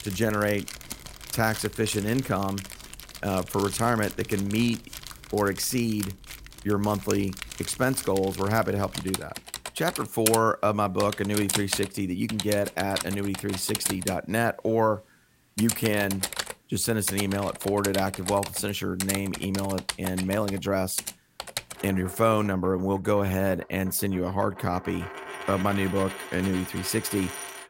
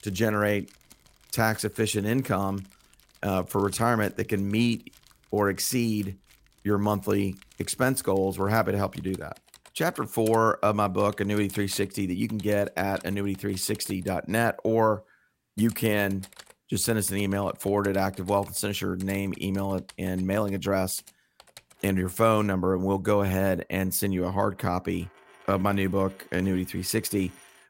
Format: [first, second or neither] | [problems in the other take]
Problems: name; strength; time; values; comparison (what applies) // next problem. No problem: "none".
second | household noises; loud; throughout; 8 dB below the speech; faint in the second